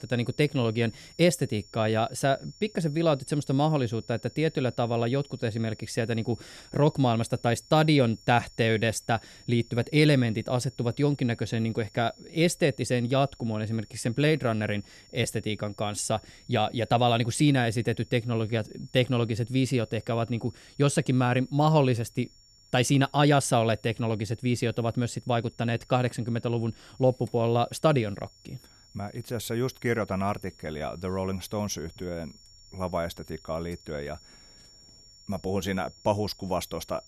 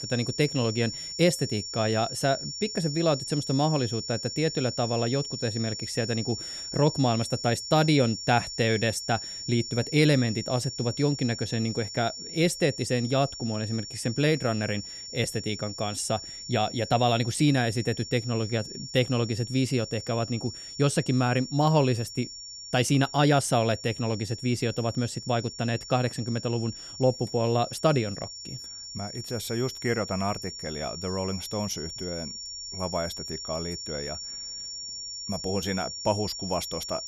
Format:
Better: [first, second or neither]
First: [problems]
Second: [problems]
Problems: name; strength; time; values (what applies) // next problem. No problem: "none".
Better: first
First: high-pitched whine; faint; throughout; 5.5 kHz, 25 dB below the speech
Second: high-pitched whine; loud; throughout; 5.5 kHz, 8 dB below the speech